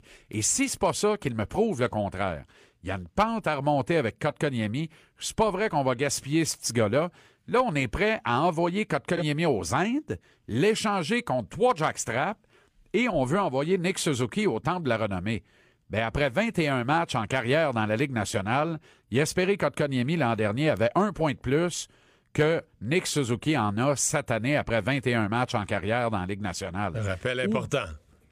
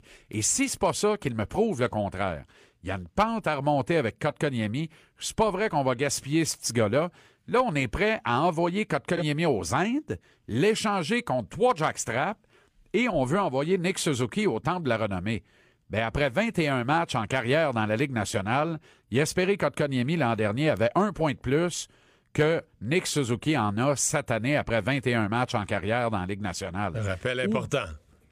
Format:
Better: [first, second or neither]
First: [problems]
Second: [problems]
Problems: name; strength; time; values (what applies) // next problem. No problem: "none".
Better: neither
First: none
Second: none